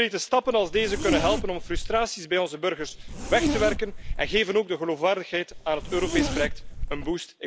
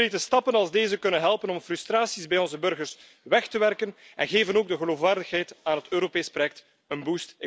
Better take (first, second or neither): second